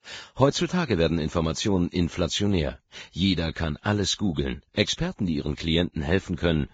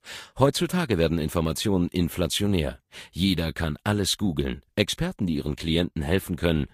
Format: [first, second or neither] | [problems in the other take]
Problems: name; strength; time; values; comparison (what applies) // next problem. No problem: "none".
second | garbled, watery; badly; nothing above 7.5 kHz; slightly in the second